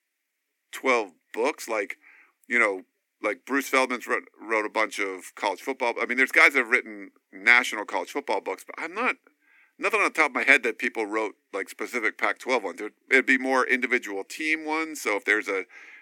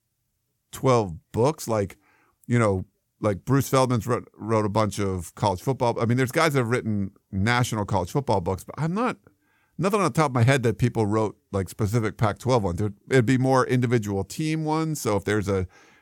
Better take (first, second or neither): second